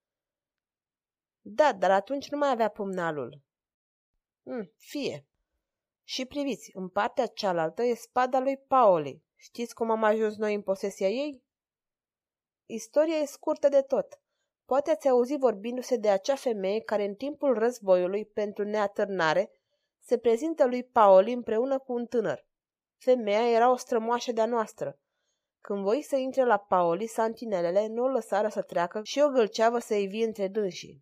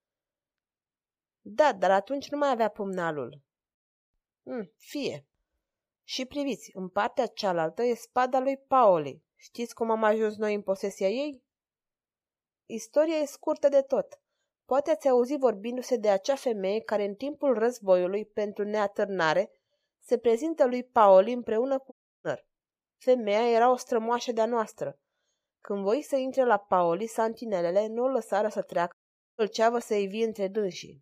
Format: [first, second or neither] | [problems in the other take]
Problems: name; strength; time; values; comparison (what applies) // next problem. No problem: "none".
first | audio cutting out; at 22 s and at 29 s